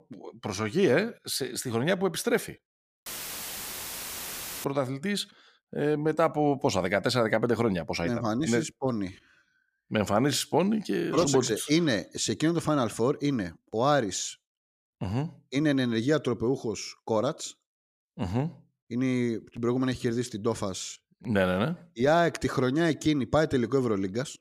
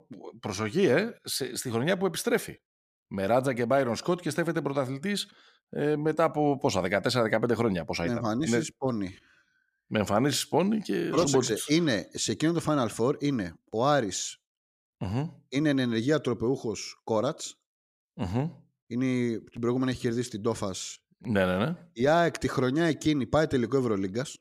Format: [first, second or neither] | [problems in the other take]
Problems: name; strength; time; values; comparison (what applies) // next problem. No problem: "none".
second | audio cutting out; filled with static; at 3 s for 1.5 s